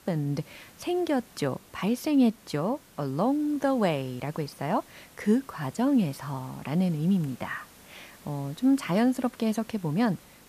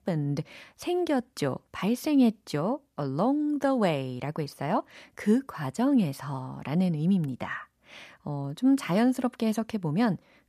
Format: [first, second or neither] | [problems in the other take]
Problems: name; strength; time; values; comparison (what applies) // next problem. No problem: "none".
second | hiss; faint; throughout; 25 dB below the speech